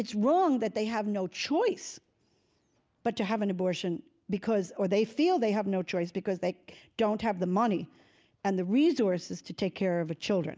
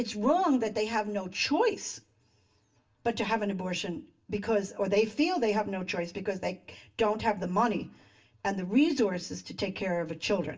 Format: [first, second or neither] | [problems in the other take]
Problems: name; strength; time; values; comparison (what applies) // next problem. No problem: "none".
first | room echo; dies away in 0.2 s